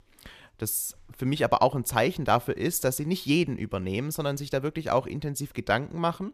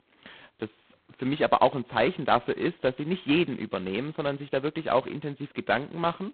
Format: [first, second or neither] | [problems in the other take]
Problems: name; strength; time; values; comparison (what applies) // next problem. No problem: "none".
first | phone-call audio; poor line; nothing above 4 kHz